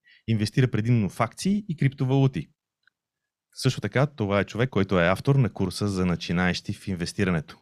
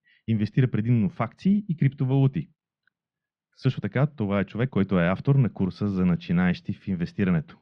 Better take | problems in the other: first | muffled; slightly; fading above 3.5 kHz

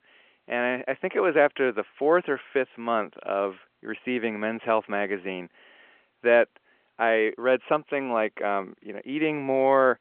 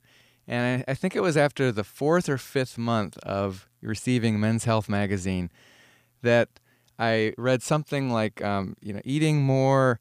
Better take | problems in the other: second | phone-call audio

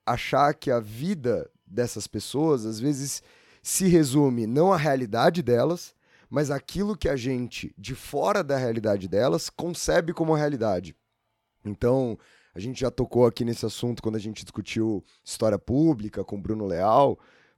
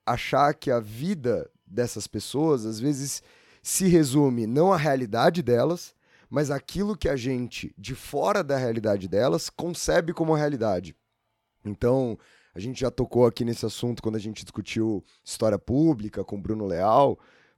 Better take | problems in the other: neither | none

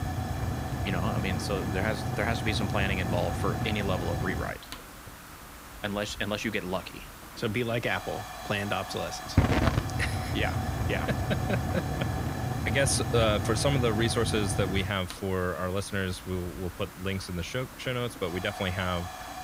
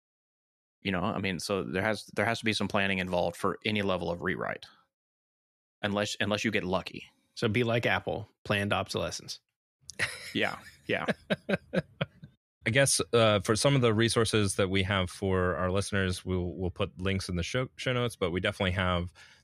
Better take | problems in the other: second | hiss; loud; throughout; 1 dB below the speech

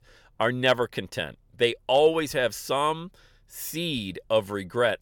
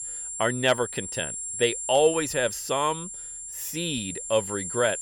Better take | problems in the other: first | high-pitched whine; loud; throughout; 7.5 kHz, 6 dB below the speech

